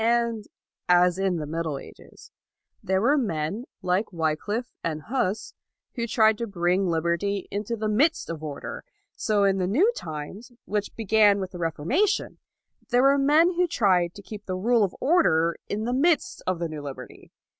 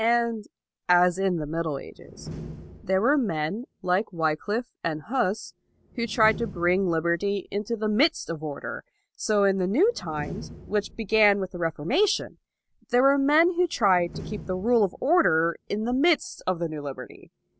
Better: first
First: none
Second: background sound (Slam); 19 dB below the speech

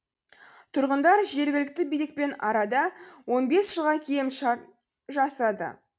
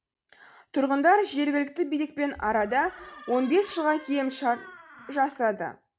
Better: first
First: none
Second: background sound (Door); 20 dB below the speech

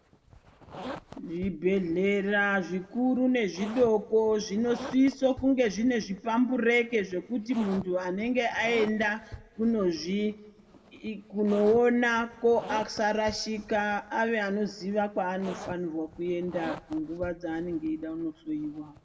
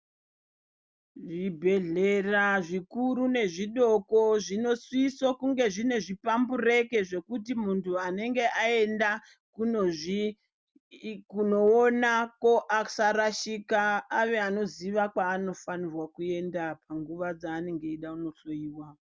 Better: second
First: background sound (Zipper (clothing)); 17 dB below the speech // room echo; dies away in 1.2 s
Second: none

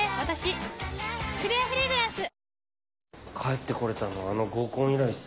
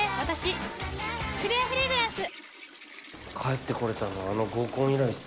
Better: first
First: none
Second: background sound (Toilet flush); 17 dB below the speech

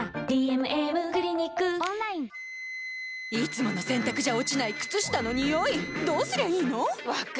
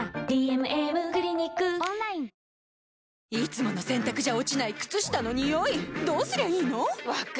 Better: second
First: background sound (Wind instrument, woodwind instrument); 13 dB below the speech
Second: none

